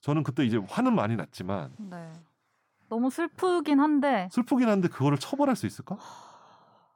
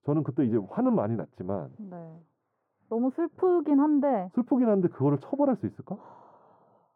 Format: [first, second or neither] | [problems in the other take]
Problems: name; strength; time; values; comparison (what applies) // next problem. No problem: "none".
first | muffled; very; fading above 2 kHz